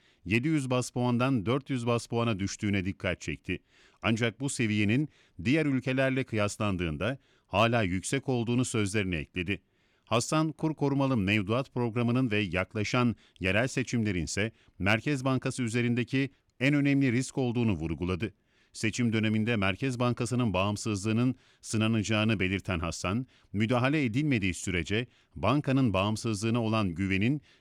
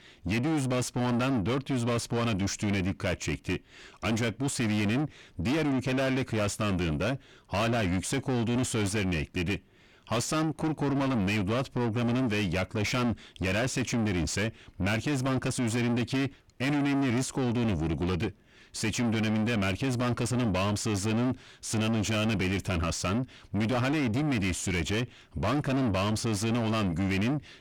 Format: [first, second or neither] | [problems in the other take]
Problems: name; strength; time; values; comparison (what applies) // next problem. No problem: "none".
first | distortion; heavy; 6 dB below the speech